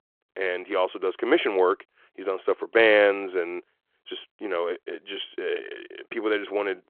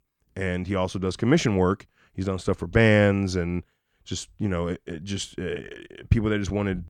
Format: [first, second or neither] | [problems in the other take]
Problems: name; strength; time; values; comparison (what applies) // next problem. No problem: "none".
second | phone-call audio